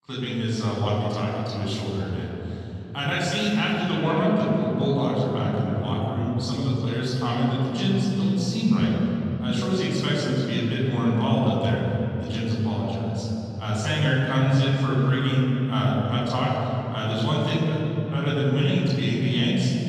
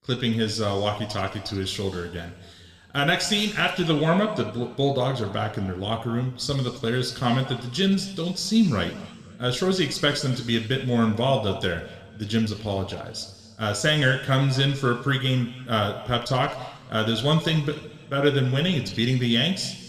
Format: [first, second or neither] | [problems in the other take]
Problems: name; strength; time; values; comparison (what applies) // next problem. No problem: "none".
second | room echo; strong; dies away in 3 s; slight in the second // off-mic speech; far